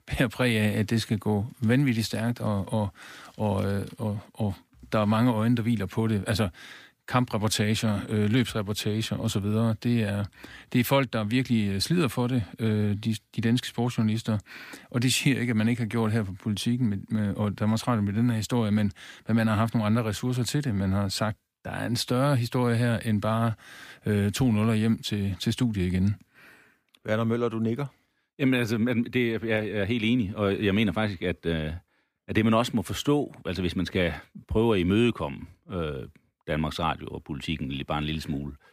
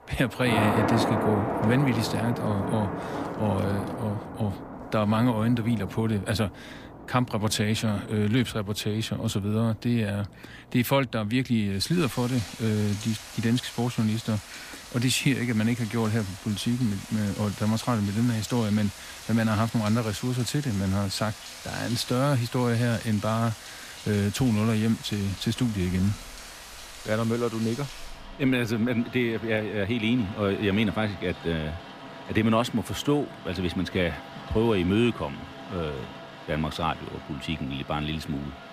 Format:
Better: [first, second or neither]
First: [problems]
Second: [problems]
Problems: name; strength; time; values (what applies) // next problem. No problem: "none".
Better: first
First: none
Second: rain or running water; loud; throughout; 10 dB below the speech